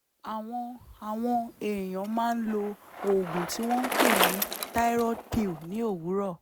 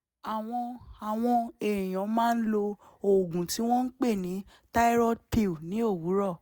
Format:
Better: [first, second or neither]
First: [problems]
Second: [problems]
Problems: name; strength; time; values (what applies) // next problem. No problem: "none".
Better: second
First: background sound (Bicycle); 4 dB below the speech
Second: none